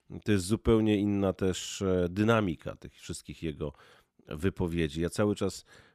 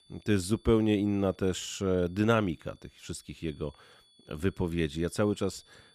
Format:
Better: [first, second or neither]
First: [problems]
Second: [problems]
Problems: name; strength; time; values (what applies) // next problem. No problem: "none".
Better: first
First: none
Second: high-pitched whine; faint; throughout; 3.5 kHz, 30 dB below the speech